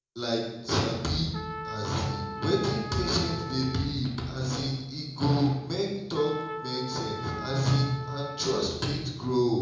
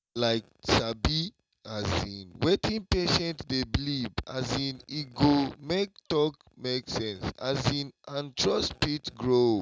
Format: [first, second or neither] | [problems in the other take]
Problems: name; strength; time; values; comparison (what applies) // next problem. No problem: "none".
second | background sound (Trumpet); 12 dB below the speech // room echo; dies away in 0.8 s